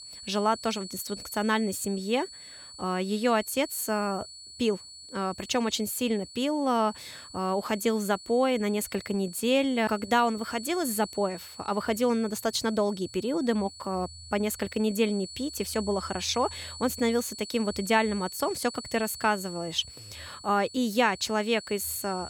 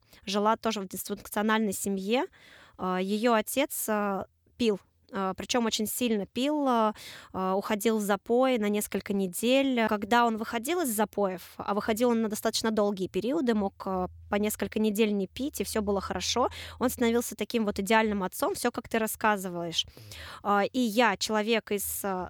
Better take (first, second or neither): second